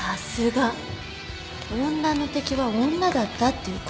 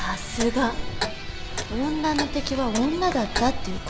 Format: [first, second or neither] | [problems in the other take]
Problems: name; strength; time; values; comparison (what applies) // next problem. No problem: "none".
first | background sound (Clock); 5 dB below the speech